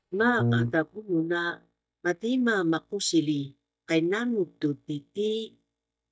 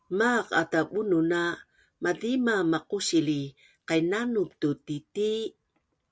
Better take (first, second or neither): second